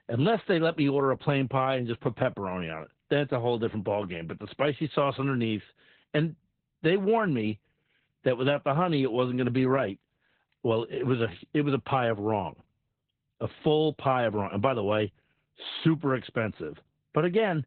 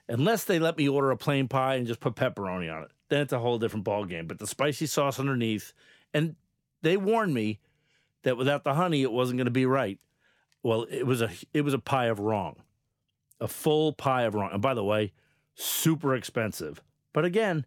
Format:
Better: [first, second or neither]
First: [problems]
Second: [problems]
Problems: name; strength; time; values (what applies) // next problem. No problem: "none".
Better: second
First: garbled, watery; badly; nothing above 4 kHz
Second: none